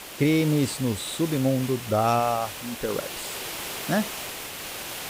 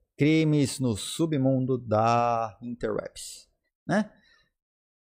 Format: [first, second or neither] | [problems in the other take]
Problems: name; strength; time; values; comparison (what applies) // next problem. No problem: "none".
second | hiss; loud; throughout; 9 dB below the speech